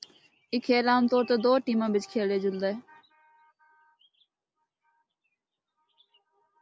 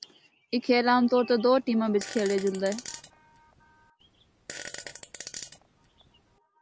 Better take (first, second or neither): first